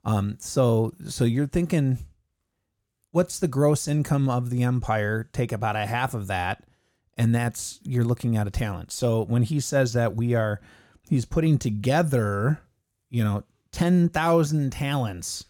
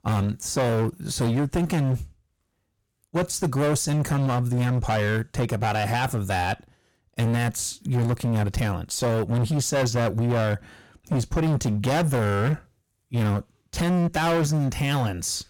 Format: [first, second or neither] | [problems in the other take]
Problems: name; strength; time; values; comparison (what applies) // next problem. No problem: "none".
first | distortion; heavy; 22% of the sound clipped